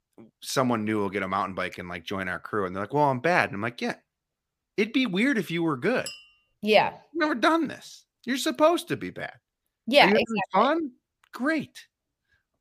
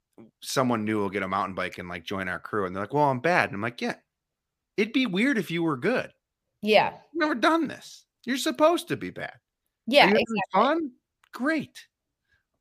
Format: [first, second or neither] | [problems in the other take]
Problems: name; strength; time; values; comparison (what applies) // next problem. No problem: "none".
second | clattering dishes; faint; at 6 s; peak 15 dB below the speech